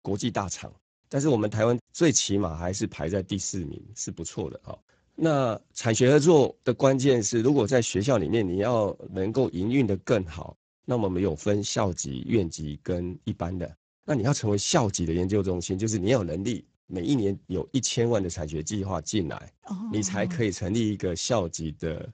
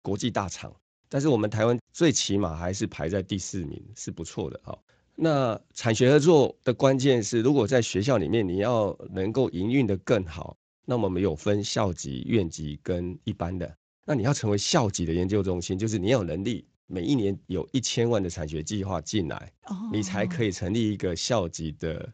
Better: second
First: garbled, watery; badly; nothing above 7.5 kHz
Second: garbled, watery; slightly; nothing above 7.5 kHz

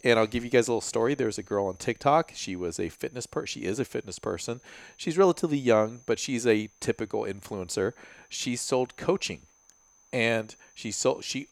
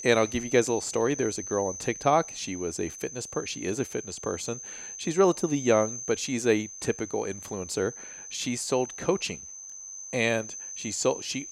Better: first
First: high-pitched whine; faint; throughout; 6.5 kHz, 30 dB below the speech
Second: high-pitched whine; loud; throughout; 6.5 kHz, 10 dB below the speech

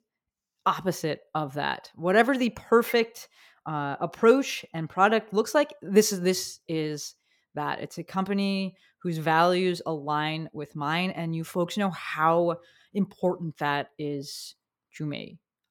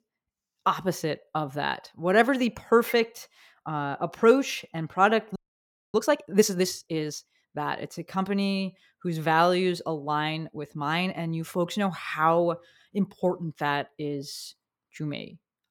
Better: first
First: none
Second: audio freezing; at 5.5 s for 0.5 s

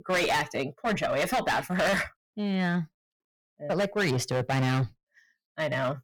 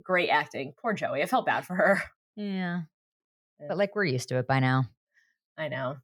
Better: second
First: distortion; heavy; 18% of the sound clipped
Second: none

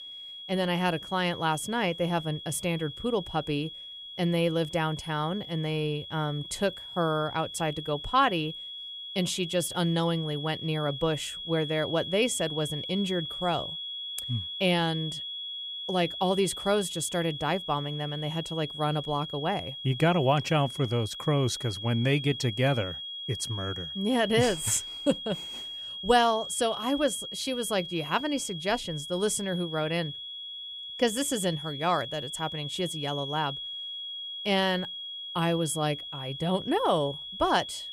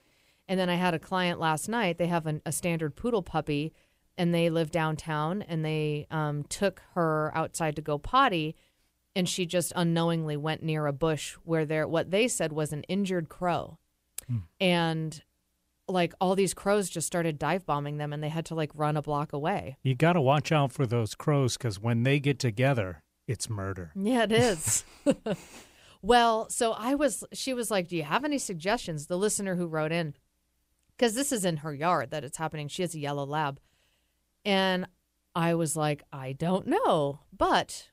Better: second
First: high-pitched whine; loud; throughout; 3.5 kHz, 7 dB below the speech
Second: none

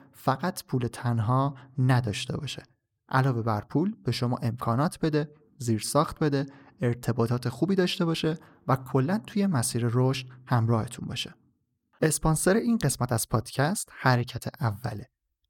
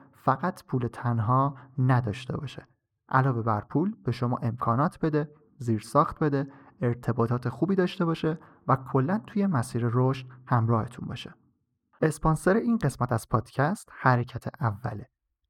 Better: first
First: none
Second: muffled; slightly; fading above 2.5 kHz

